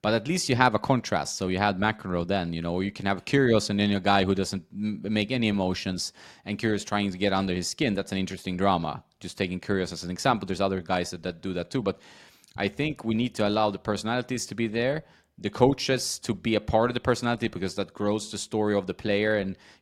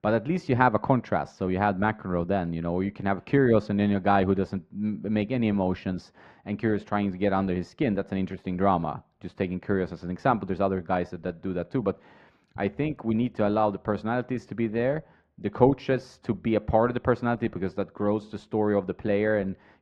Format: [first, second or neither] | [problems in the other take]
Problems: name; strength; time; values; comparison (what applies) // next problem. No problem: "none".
first | muffled; very; fading above 4 kHz